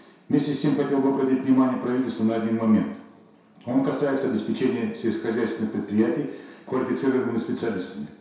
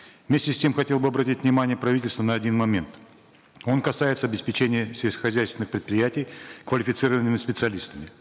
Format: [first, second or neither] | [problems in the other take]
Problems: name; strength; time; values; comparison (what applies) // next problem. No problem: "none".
second | room echo; dies away in 0.7 s